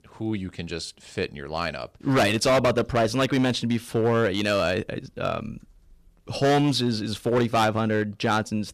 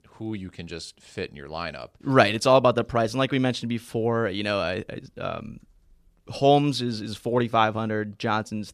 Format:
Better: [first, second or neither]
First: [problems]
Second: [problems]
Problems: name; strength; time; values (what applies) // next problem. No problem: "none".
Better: second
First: distortion; heavy; 8% of the sound clipped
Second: none